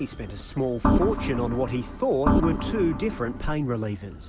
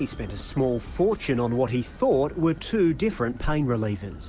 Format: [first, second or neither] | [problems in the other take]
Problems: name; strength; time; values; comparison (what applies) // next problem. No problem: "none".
second | background sound (Organ); 2 dB above the speech